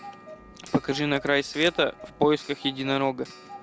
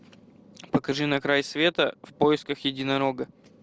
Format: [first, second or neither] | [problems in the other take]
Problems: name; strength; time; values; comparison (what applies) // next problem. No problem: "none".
second | background sound (Packing tape, duct tape + Clock); 18 dB below the speech